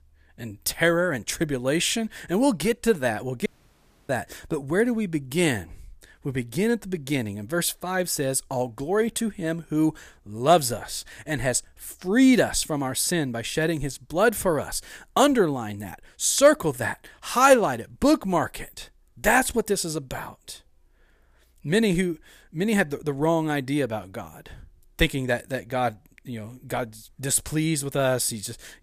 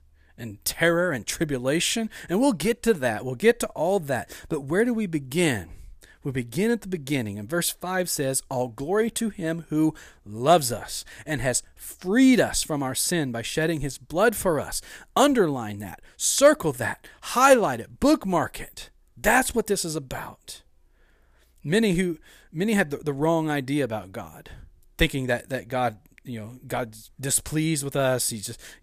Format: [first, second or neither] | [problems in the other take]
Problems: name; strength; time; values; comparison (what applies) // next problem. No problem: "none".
second | audio cutting out; at 3.5 s for 0.5 s